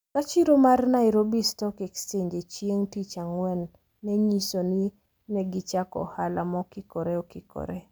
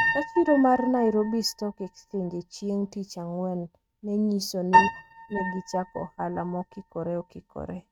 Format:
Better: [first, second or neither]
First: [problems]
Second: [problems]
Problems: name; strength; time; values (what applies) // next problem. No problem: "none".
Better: first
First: none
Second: noise reduction (neural mask model RNNoise)